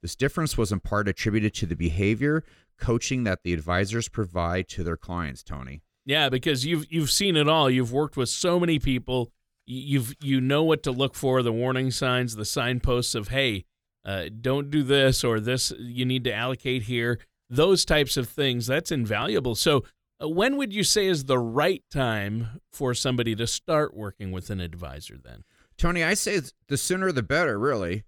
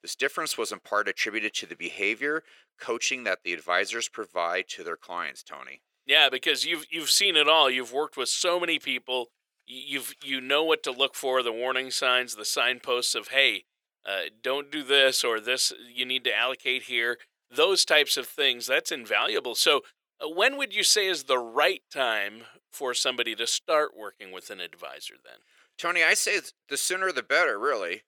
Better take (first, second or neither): first